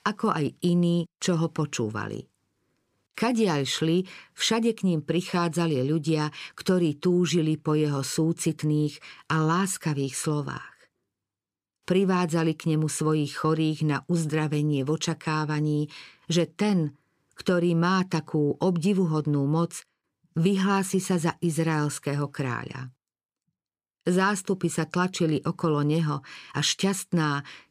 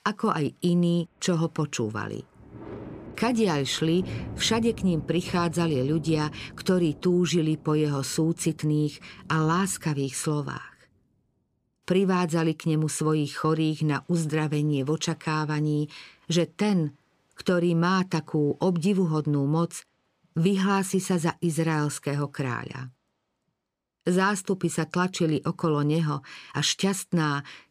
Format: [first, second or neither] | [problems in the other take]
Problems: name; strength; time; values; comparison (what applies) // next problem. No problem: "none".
first | rain or running water; noticeable; throughout; 15 dB below the speech